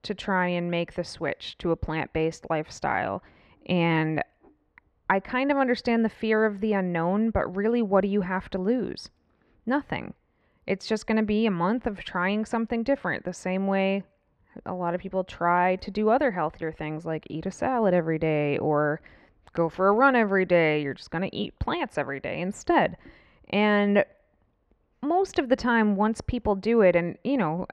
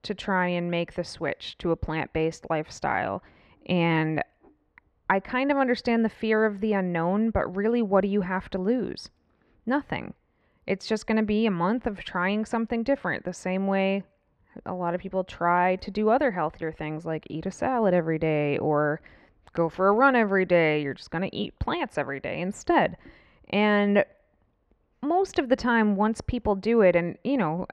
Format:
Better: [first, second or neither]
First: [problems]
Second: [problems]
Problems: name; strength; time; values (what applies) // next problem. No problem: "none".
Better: neither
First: muffled; slightly; fading above 2.5 kHz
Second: muffled; slightly; fading above 2.5 kHz